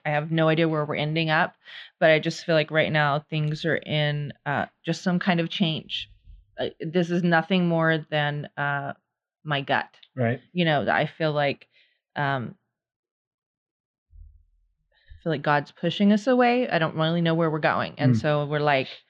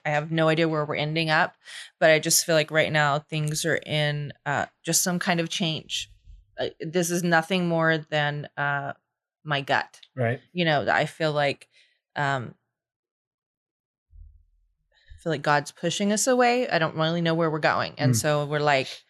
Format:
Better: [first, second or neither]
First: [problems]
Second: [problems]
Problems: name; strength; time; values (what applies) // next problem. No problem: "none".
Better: second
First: muffled; slightly; fading above 3.5 kHz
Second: none